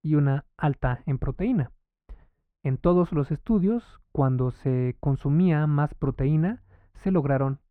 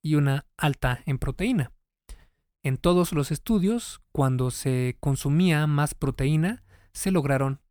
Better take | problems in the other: second | muffled; very; fading above 3.5 kHz

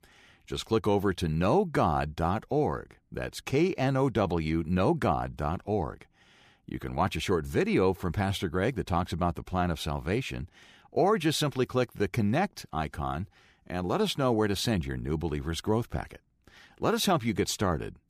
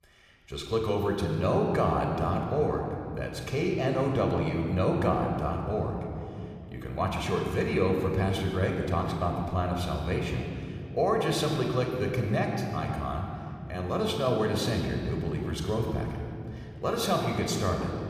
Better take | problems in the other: first | room echo; noticeable; dies away in 2.4 s

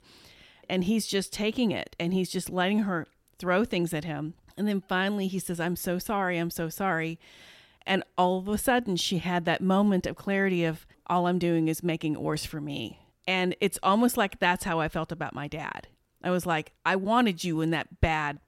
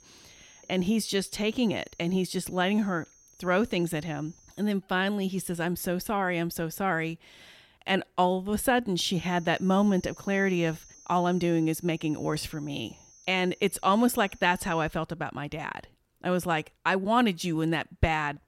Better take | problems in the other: first | high-pitched whine; faint; until 4.5 s and from 9 to 15 s; 6.5 kHz, 25 dB below the speech

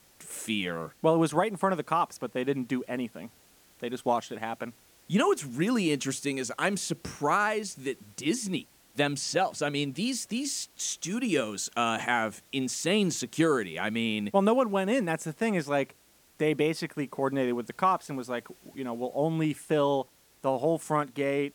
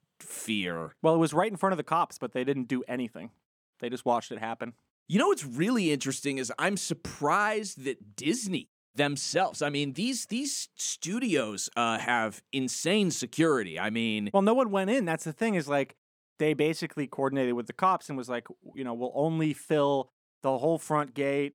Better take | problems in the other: second | hiss; faint; throughout; 30 dB below the speech

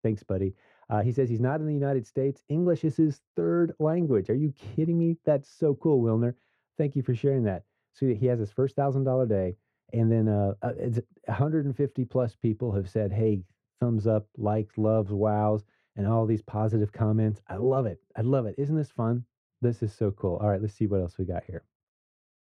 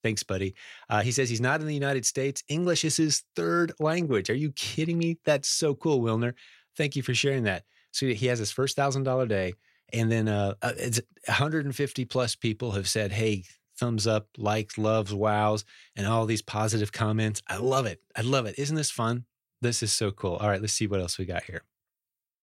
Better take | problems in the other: second | muffled; very; fading above 1.5 kHz

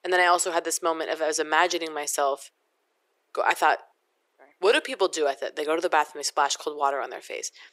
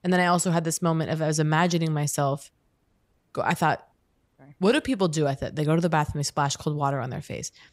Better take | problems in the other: second | thin; very; fading below 350 Hz

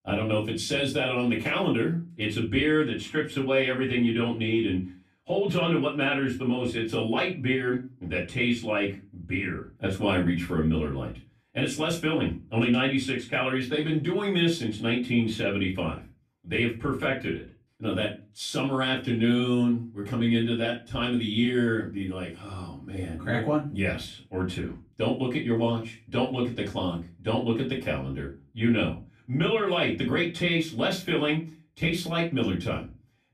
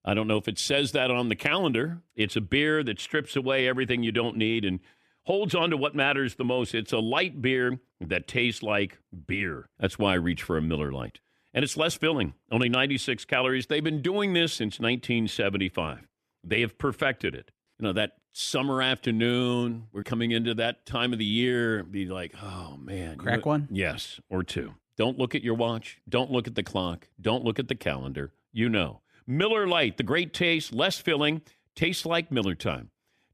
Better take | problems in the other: second | off-mic speech; far // room echo; slight; dies away in 0.3 s

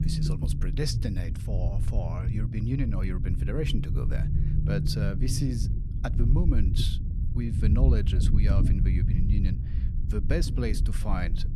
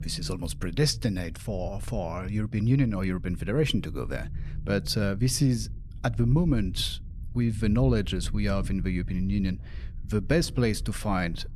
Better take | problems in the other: second | low rumble; loud; throughout; 5 dB below the speech; faint in the second

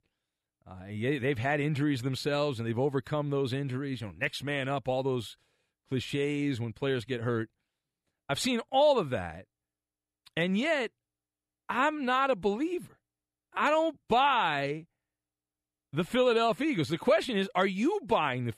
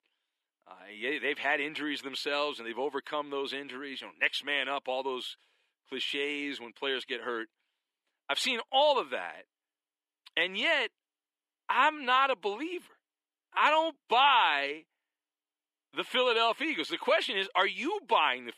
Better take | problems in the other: first | thin; somewhat; fading below 300 Hz

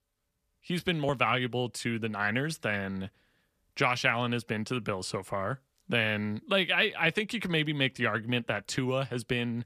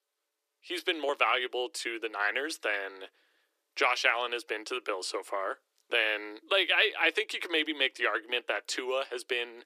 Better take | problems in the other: first | thin; very; fading below 300 Hz

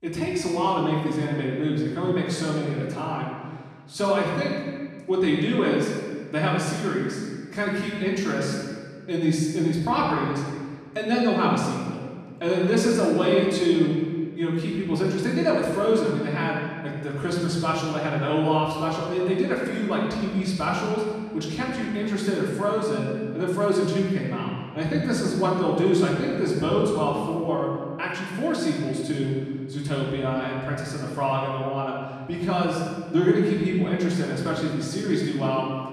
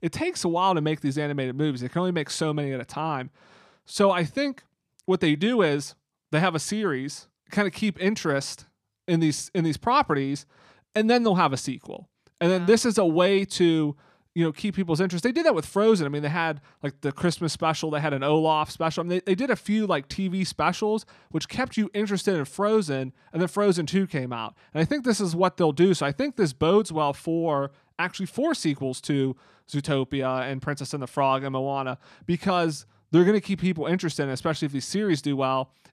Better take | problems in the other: second | room echo; noticeable; dies away in 1.6 s // off-mic speech; far

